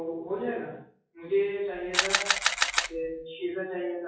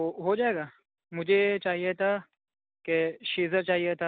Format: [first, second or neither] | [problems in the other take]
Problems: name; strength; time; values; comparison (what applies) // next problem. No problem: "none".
second | noise reduction (classical method WPE with log-MMSE)